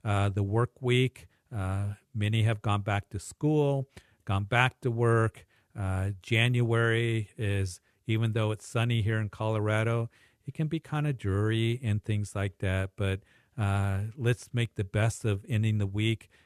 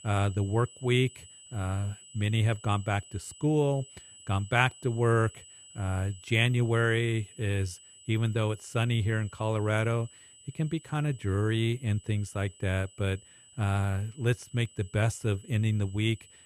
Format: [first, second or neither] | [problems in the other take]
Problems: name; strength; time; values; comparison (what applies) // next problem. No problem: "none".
first | high-pitched whine; faint; throughout; 8 kHz, 20 dB below the speech